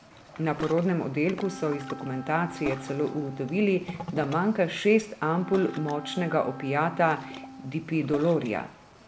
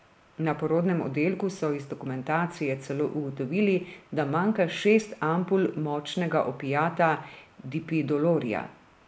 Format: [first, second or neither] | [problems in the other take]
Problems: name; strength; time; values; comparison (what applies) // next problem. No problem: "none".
second | background sound (Wind instrument, woodwind instrument + Ocean); 14 dB below the speech